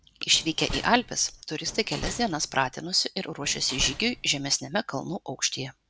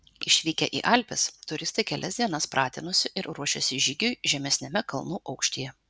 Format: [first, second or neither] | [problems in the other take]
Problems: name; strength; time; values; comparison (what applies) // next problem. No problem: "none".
second | background sound (Slam); 11 dB below the speech